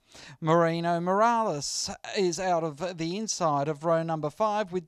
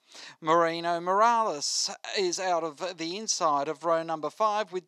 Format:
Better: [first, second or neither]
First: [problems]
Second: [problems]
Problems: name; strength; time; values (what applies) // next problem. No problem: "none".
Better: first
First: none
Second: thin; somewhat; fading below 300 Hz